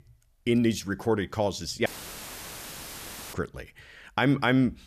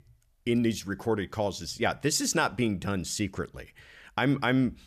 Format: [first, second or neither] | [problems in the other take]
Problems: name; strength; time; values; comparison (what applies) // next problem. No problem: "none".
second | audio cutting out; filled with static; at 2 s for 1.5 s